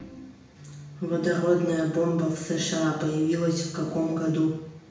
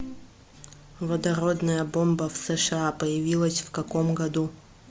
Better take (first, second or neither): second